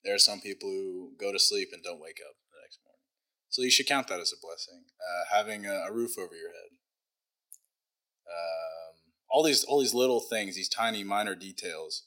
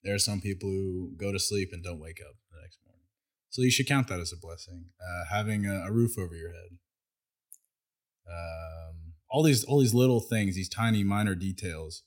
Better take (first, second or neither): second